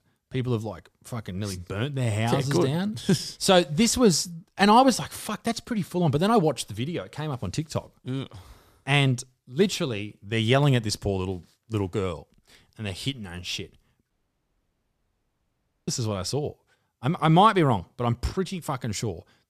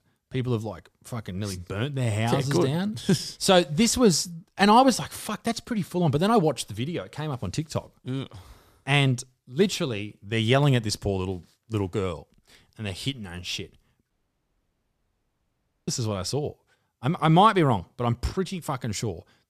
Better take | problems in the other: neither | audio cutting out; at 14 s for 2 s; the same in both

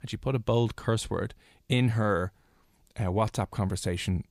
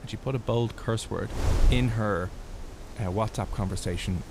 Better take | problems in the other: first | wind noise on the microphone; occasional gusts; 10 dB below the speech

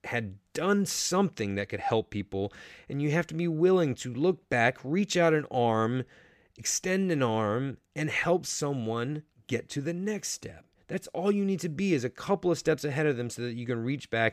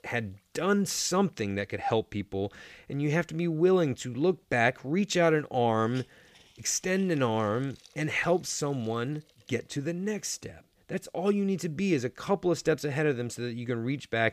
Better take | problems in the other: first | hiss; faint; throughout; 30 dB below the speech

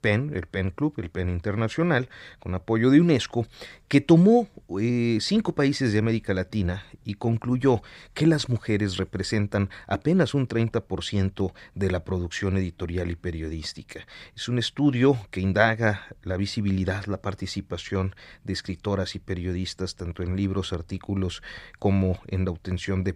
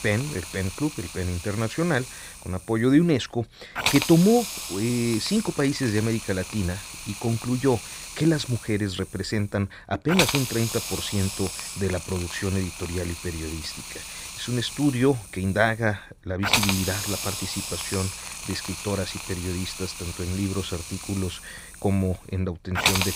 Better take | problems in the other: first | hiss; loud; throughout; 4 dB below the speech

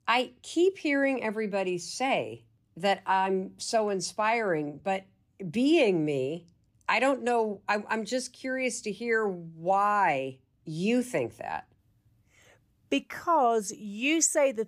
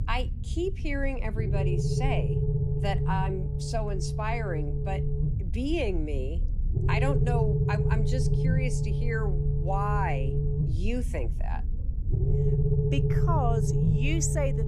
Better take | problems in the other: first | low rumble; loud; throughout; 3 dB below the speech

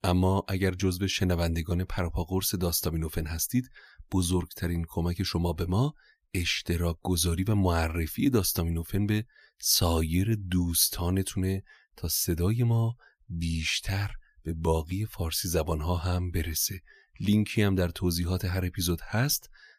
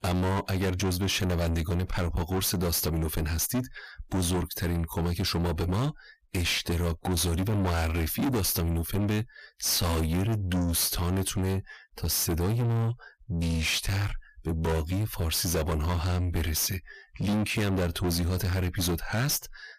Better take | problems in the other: first | distortion; heavy; 7 dB below the speech

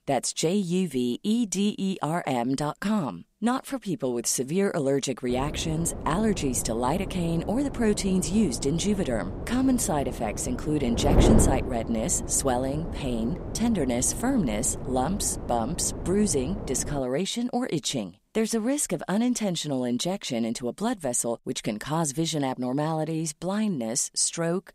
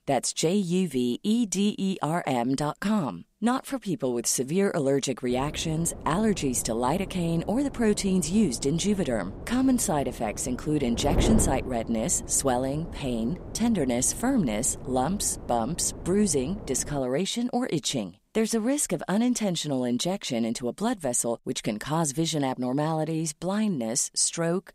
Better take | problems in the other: second | wind noise on the microphone; heavy; from 5.5 to 17 s; 8 dB below the speech; occasional gusts in the second

